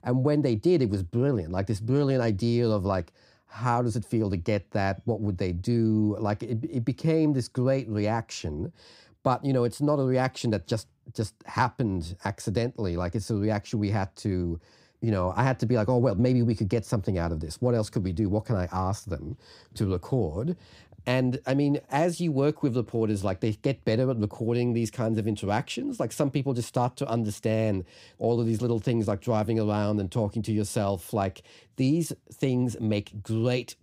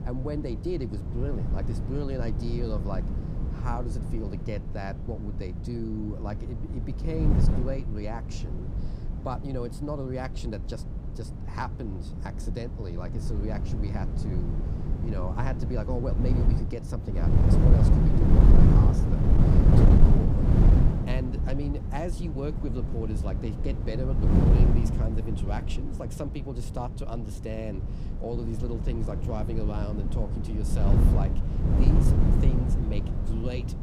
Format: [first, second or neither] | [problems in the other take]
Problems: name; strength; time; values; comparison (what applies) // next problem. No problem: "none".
first | wind noise on the microphone; heavy; 1 dB above the speech